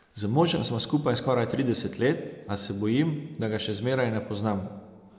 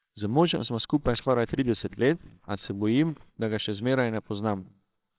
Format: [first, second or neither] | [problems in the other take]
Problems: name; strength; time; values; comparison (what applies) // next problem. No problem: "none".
first | noise reduction (neural separator model SepFormer WHAMR!)